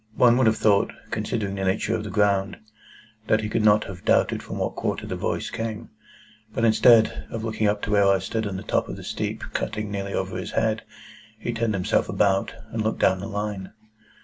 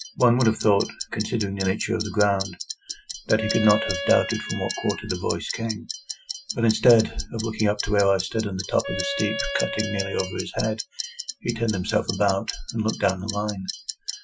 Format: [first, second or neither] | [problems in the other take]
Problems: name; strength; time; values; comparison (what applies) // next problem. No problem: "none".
first | noise reduction (classical method Wiener filter)